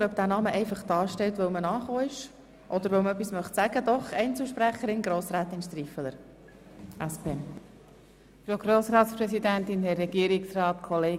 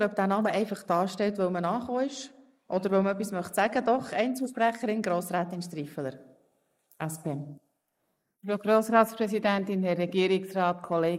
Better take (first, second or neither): first